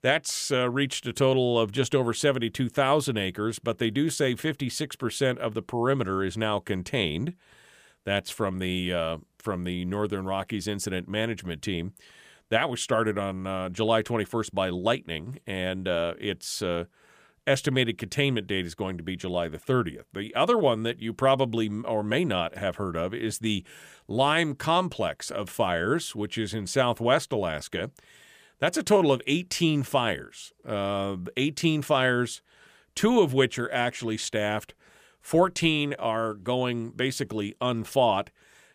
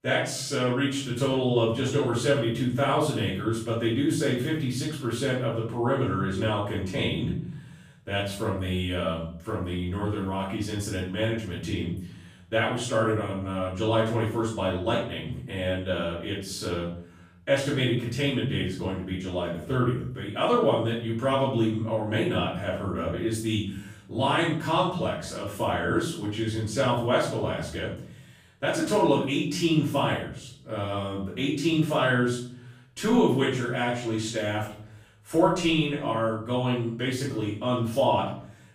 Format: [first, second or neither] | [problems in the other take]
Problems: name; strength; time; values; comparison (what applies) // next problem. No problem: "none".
first | off-mic speech; far // room echo; noticeable; dies away in 0.6 s